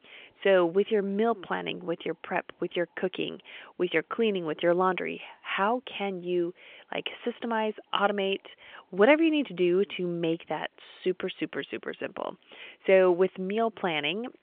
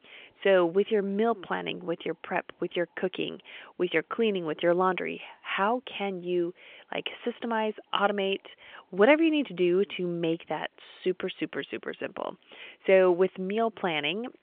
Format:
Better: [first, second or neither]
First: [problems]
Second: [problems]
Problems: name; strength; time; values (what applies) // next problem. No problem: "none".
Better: neither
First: phone-call audio; nothing above 3.5 kHz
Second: phone-call audio; nothing above 3.5 kHz